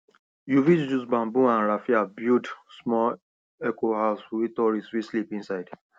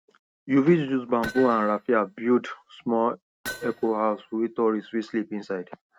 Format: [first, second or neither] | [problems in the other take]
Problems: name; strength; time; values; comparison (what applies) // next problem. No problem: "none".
first | noise reduction (neural mask model RNNoise)